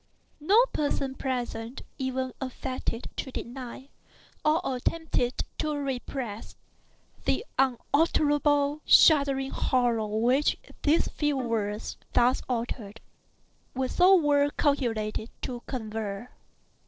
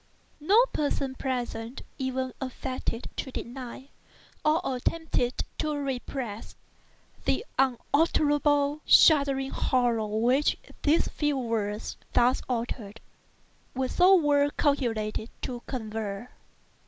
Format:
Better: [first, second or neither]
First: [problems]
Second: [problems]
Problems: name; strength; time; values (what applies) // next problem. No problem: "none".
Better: second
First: noise reduction (neural separator model SepFormer DNS4)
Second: none